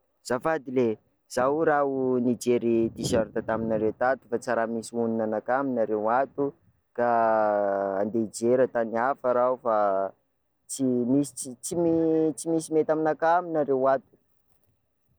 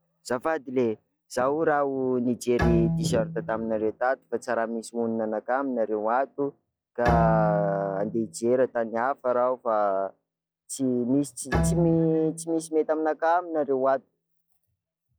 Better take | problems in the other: first | noise reduction (classical method log-MMSE)

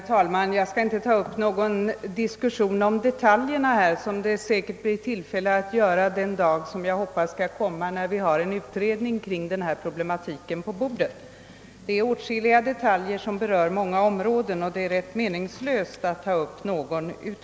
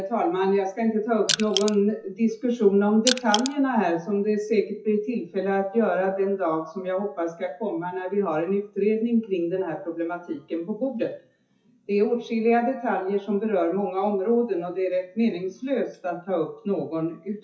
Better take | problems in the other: first | noise reduction (classical method WPE with log-MMSE)

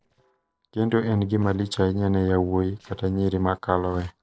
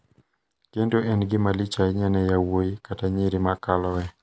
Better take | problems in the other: second | noise reduction (neural separator model SepFormer DNS4)

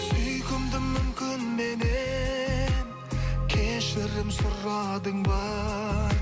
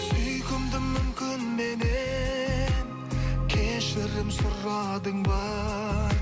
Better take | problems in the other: first | background sound (Bowed string instrument); 16 dB below the speech

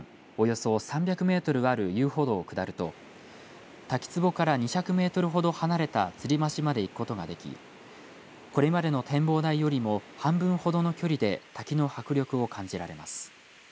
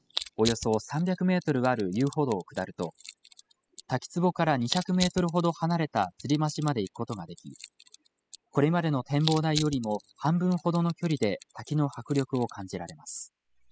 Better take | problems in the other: first | noise reduction (classical method spectral subtraction)

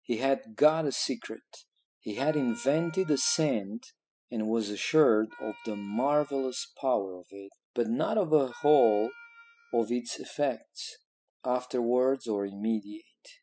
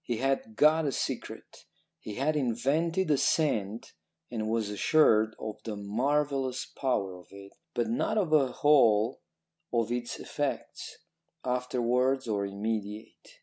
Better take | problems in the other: second | noise reduction (classical method spectral subtraction)

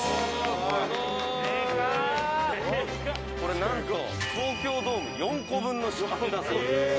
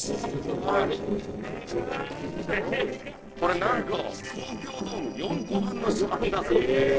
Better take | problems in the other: first | noise reduction (neural separator model SepFormer DNS4)

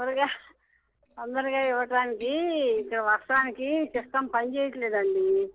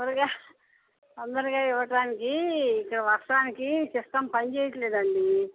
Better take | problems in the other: second | noise reduction (neural separator model SepFormer DNS4)

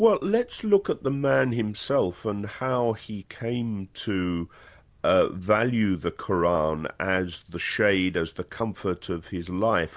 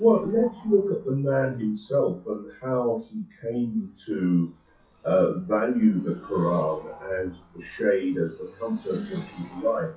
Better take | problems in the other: first | noise reduction (classical method WPE with log-MMSE)

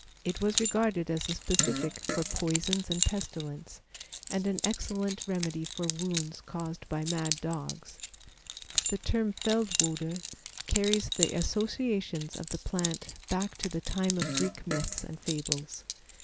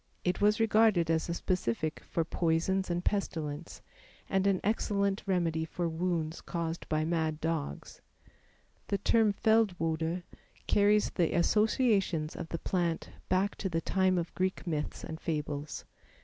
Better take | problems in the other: second | background sound (Keys jangling + Fart); 4 dB below the speech

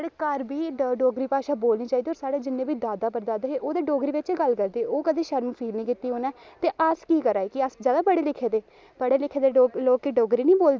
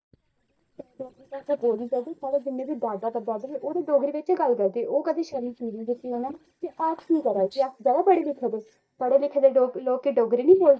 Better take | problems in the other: first | noise reduction (neural mask model DeepFilterNet 3)

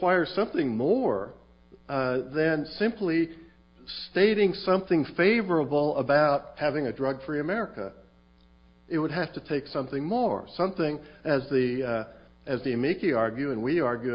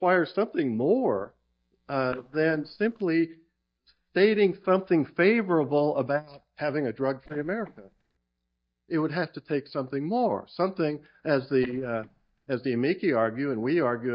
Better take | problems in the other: first | noise reduction (neural mask model DeepFilterNet 3)

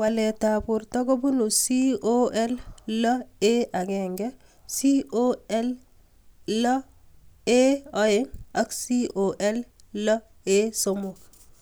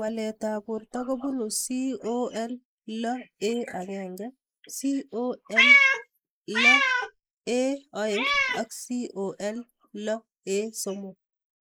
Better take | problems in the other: first | noise reduction (neural mask model Resemble Enhance denoiser)

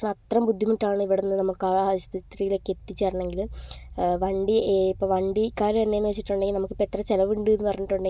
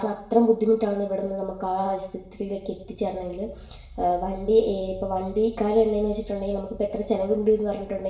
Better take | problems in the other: first | room echo; dies away in 0.7 s

